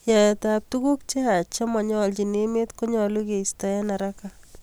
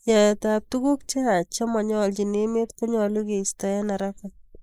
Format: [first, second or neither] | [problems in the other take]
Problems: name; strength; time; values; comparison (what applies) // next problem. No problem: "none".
first | noise reduction (neural mask model Resemble Enhance denoiser)